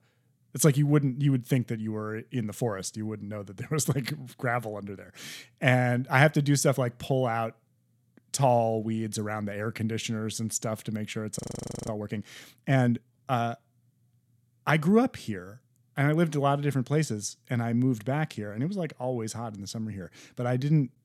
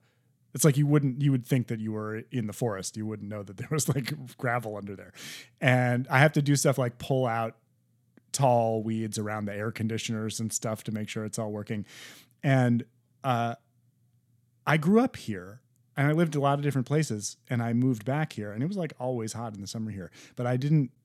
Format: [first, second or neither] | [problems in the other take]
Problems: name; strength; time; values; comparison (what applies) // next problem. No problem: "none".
second | audio freezing; at 11 s